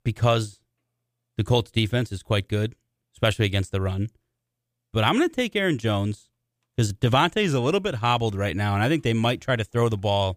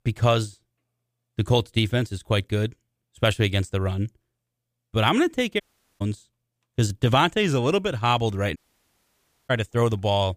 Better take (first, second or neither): first